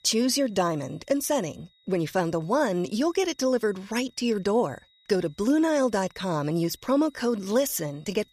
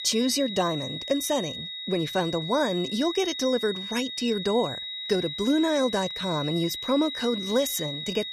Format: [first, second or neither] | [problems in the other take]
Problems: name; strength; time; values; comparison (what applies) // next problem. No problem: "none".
first | high-pitched whine; loud; throughout; 4 kHz, 6 dB below the speech; faint in the first